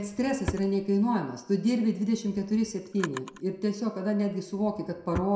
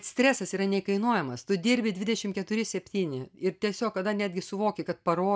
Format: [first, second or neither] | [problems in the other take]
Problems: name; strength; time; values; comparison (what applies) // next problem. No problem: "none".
second | background sound (Drawer open or close); 14 dB below the speech // room echo; dies away in 0.6 s